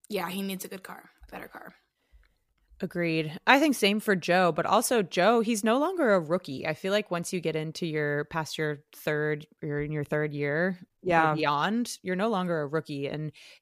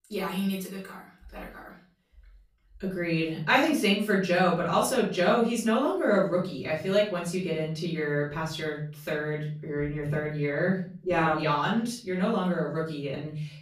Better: first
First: none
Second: off-mic speech; far // room echo; slight; dies away in 0.6 s

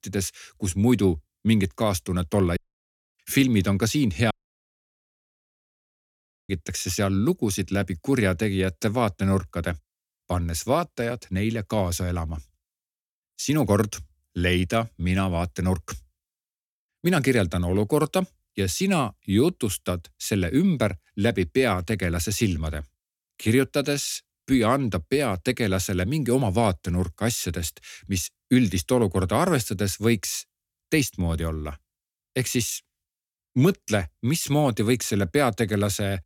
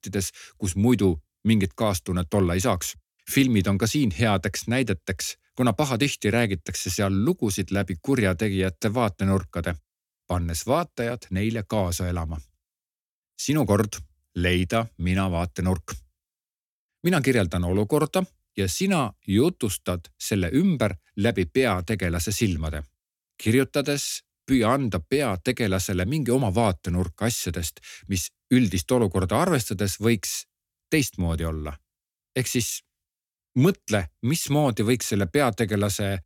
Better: second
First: audio cutting out; at 2.5 s for 0.5 s and at 4.5 s for 2 s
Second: none

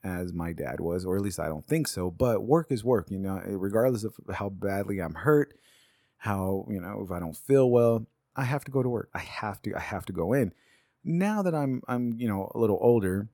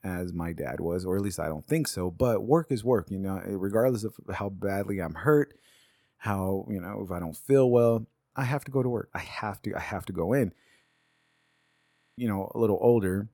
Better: first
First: none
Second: audio freezing; at 11 s for 1.5 s

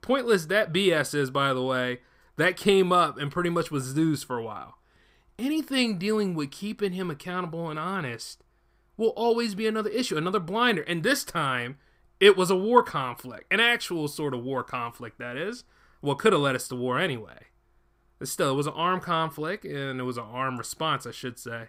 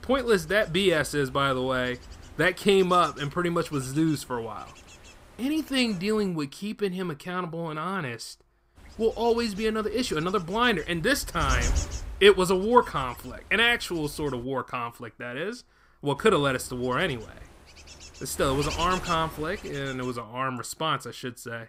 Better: first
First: none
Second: wind noise on the microphone; occasional gusts; until 6.5 s, from 9 to 14 s and from 16 to 20 s; 15 dB below the speech

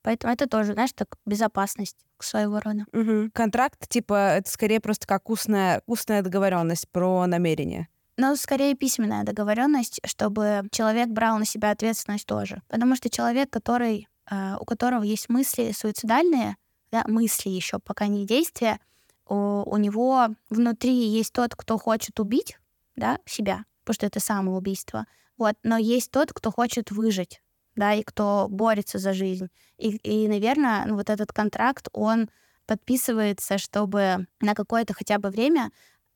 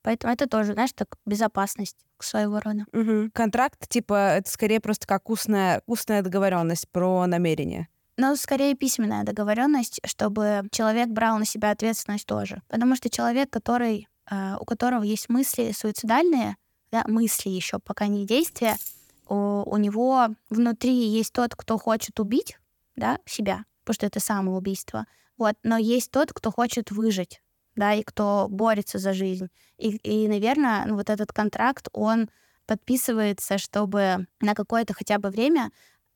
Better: first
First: none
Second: jangling keys; noticeable; at 18 s; peak 8 dB below the speech

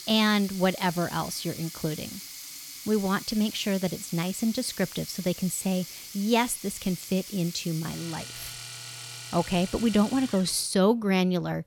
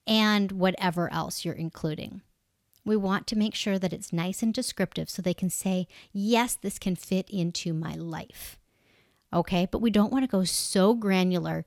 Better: second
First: household noises; noticeable; throughout; 10 dB below the speech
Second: none

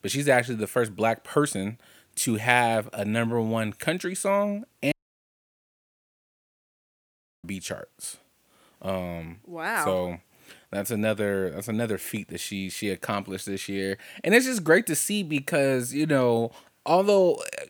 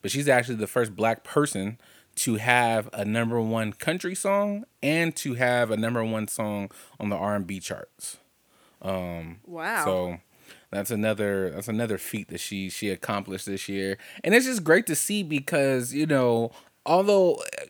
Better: second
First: audio cutting out; at 5 s for 2.5 s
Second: none

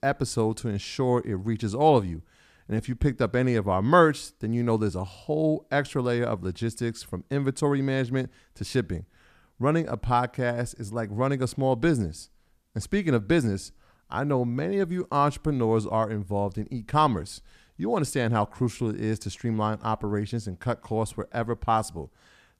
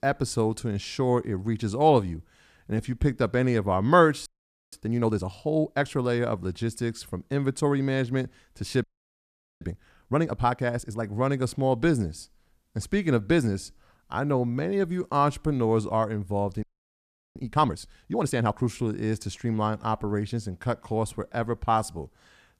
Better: first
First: none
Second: audio freezing; at 4.5 s, at 9 s for 1 s and at 17 s for 0.5 s

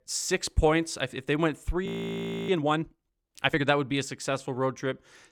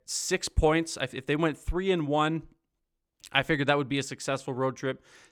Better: second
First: audio freezing; at 2 s for 0.5 s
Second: none

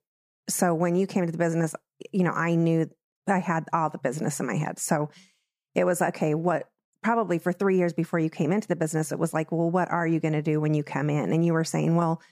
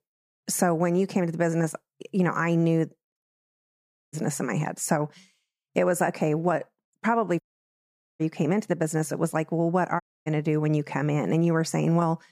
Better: first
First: none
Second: audio cutting out; at 3 s for 1 s, at 7.5 s for 1 s and at 10 s

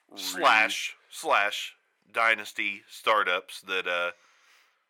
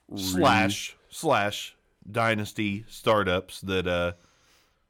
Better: second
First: thin; very; fading below 550 Hz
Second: none

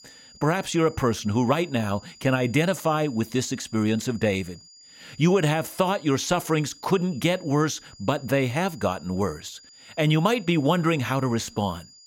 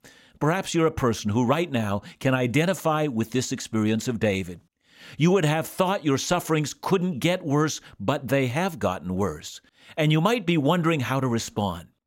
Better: second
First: high-pitched whine; faint; throughout; 5 kHz, 25 dB below the speech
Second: none

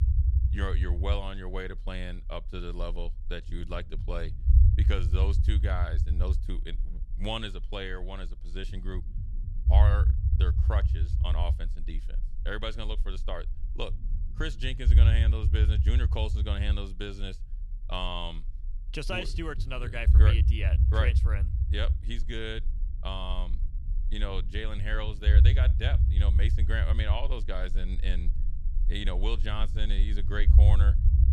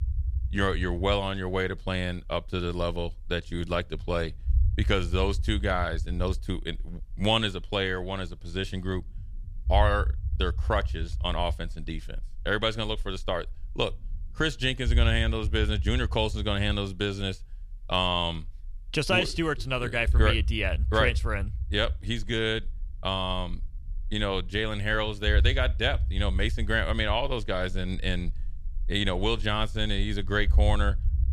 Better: second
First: low rumble; loud; throughout; 7 dB below the speech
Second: low rumble; faint; throughout; 20 dB below the speech

